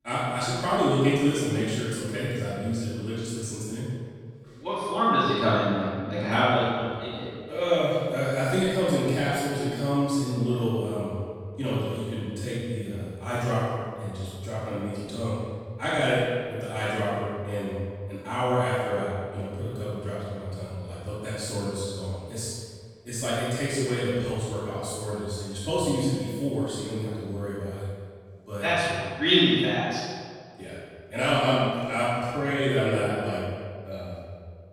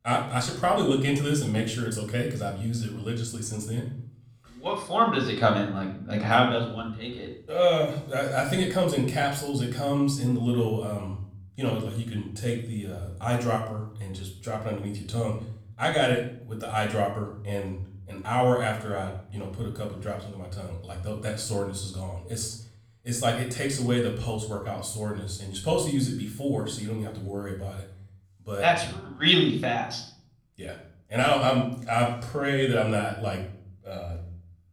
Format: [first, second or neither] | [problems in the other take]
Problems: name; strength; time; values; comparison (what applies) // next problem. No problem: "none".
second | room echo; strong; dies away in 1.6 s; slight in the second // off-mic speech; far; somewhat distant in the second